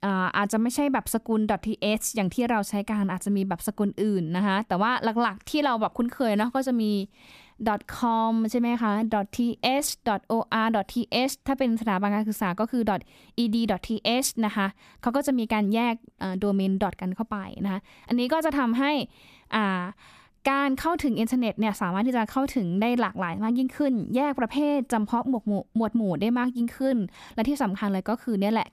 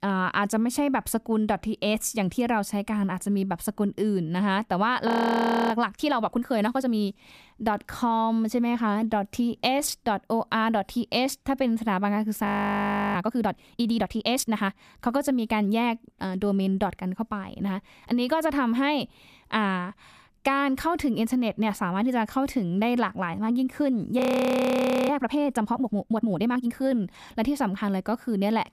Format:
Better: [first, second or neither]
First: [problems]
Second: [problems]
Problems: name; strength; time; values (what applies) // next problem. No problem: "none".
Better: first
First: none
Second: audio freezing; at 5 s for 0.5 s, at 12 s for 0.5 s and at 24 s for 1 s